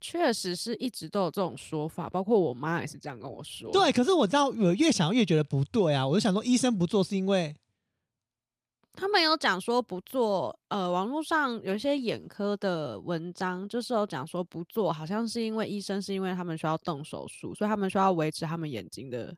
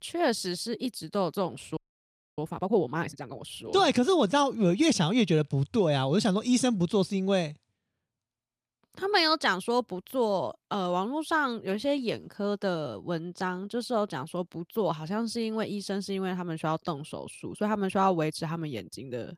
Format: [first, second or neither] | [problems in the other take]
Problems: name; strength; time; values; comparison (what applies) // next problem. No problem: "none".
first | audio freezing; at 2 s for 0.5 s